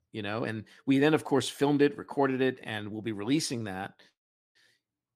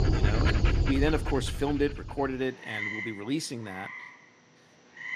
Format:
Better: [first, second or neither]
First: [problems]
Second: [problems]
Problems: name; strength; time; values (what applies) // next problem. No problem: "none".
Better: first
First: none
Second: animal sounds; very loud; throughout; 1 dB above the speech